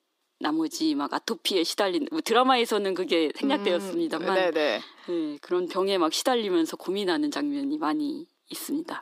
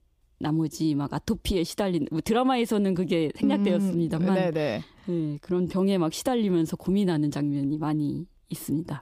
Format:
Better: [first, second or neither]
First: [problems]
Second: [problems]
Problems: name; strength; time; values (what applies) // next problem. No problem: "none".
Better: second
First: thin; somewhat; fading below 300 Hz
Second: none